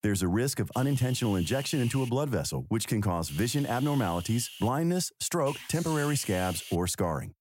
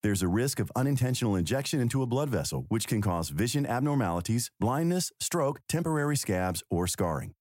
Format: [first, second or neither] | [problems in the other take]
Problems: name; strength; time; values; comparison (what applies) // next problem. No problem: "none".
second | hiss; noticeable; from 0.5 to 2 s, from 3.5 to 4.5 s and from 5.5 to 7 s; 15 dB below the speech